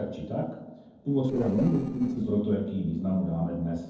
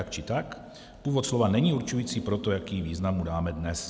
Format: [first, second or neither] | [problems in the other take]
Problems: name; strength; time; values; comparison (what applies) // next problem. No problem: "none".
second | noise reduction (neural separator model SepFormer DNS4)